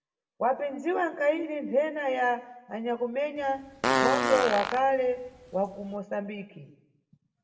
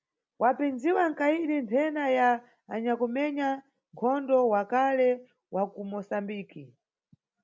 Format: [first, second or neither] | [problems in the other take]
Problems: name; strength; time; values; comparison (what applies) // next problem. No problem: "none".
second | background sound (Fart); 1 dB below the speech // room echo; dies away in 0.7 s